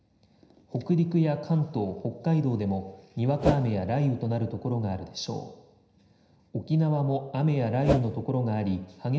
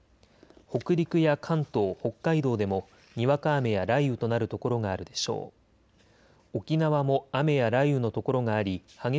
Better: second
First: background sound (Whoosh, swoosh, swish); as loud as the speech // room echo; dies away in 0.9 s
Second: none

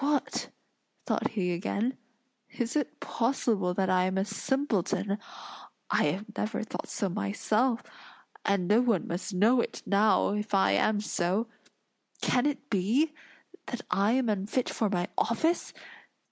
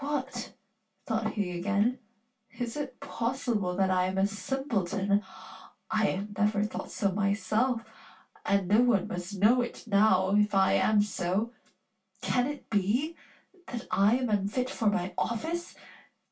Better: first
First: none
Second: room echo; dies away in 0.2 s

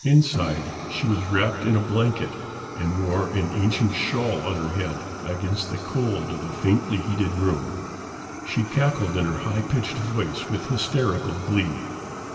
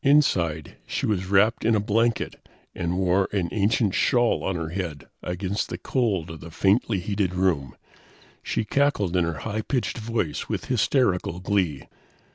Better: second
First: background sound (Fire); 11 dB below the speech // room echo; dies away in 2.6 s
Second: none

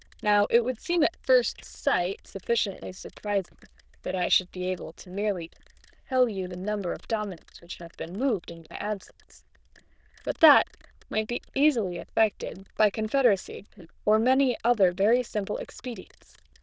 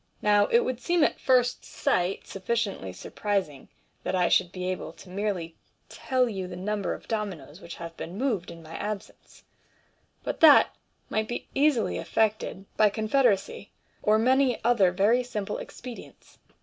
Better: second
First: noise reduction (neural diffusion model UNIVERSE++)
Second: none

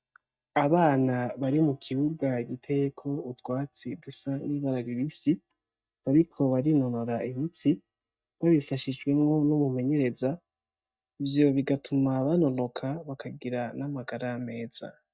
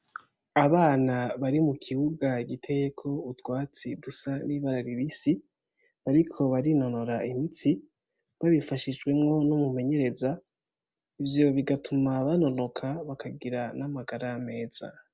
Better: second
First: noise reduction (neural mask model DeepFilterNet 3)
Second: none

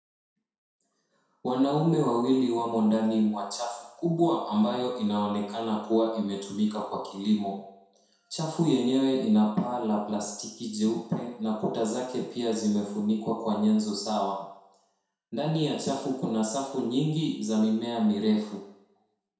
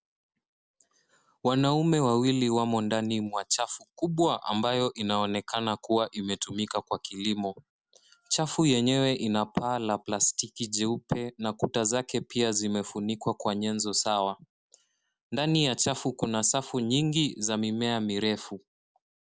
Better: second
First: room echo; dies away in 0.7 s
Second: none

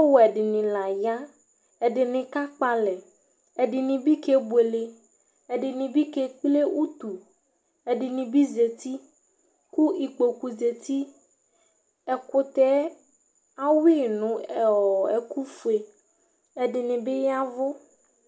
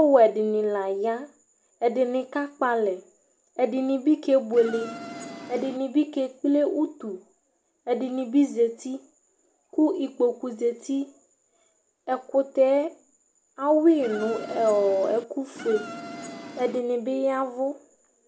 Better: first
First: none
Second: background sound (Insect); 12 dB below the speech

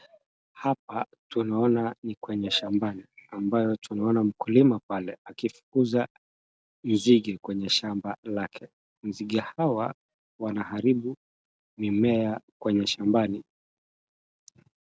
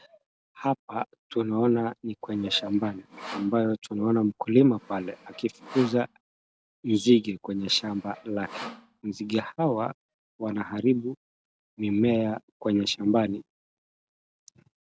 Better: first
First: none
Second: background sound (Sawing); 17 dB below the speech

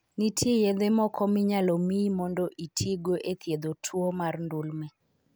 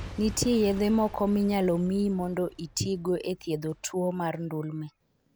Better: first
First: none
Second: background sound (Shatter / Crushing / Boom); 18 dB below the speech

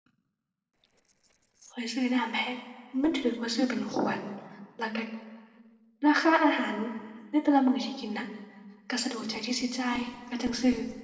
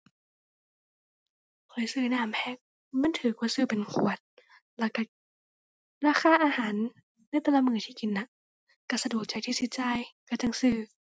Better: second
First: noise reduction (neural separator model SepFormer DNS4)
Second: none

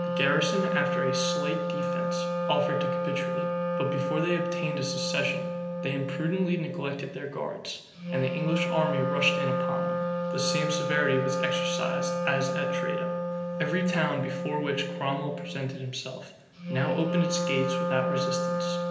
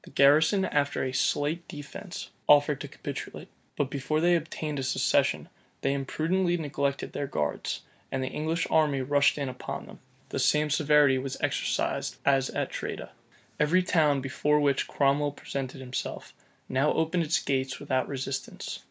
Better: second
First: background sound (Wind instrument, woodwind instrument); 1 dB above the speech // room echo; dies away in 0.8 s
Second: none

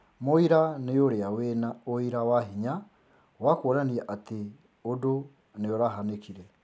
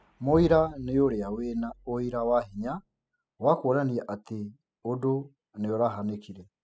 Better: first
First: none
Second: noise reduction (classical method spectral subtraction)

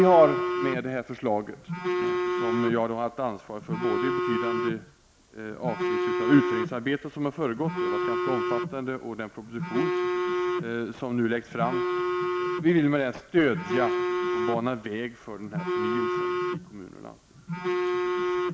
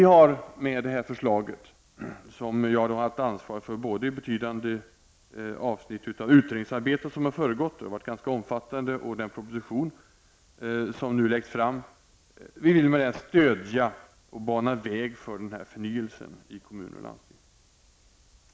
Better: second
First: background sound (Telephone); 1 dB below the speech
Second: none

